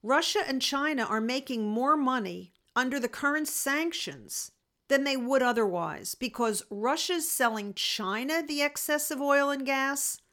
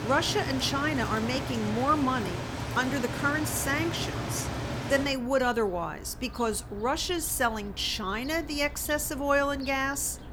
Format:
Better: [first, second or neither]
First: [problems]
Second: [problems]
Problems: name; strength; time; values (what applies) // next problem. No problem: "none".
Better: first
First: none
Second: animal sounds; loud; throughout; 7 dB below the speech